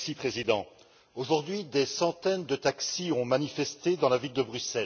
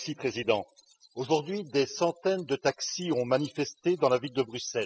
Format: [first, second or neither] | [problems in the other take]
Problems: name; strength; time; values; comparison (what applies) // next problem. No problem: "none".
first | noise reduction (classical method spectral subtraction)